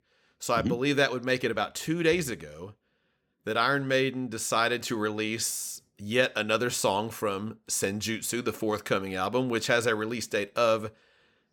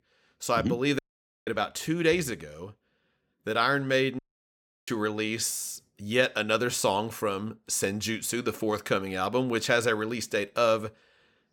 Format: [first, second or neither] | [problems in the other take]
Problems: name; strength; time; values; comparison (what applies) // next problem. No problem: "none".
first | audio cutting out; at 1 s and at 4 s for 0.5 s